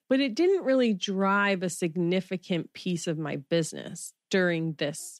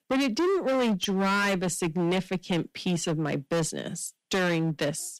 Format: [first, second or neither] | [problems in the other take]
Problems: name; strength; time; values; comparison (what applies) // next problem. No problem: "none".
first | distortion; heavy; 20% of the sound clipped